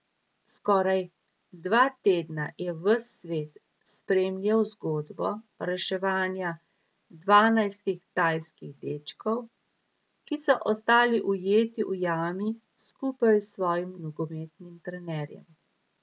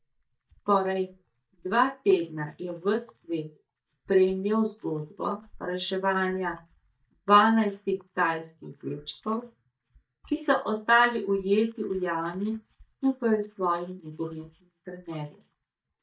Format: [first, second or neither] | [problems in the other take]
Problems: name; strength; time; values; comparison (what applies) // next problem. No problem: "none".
first | noise reduction (neural mask model DeepFilterNet 3)